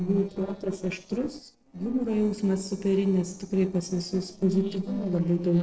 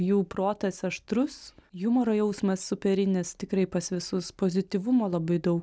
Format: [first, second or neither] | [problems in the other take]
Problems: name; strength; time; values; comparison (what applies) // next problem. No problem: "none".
second | noise reduction (neural separator model SepFormer DNS4)